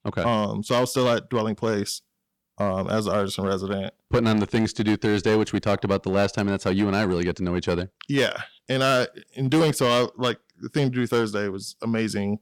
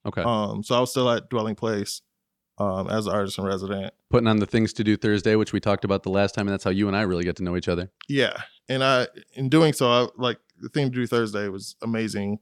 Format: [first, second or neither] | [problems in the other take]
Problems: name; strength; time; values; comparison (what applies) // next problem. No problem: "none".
second | distortion; slight; 5% of the sound clipped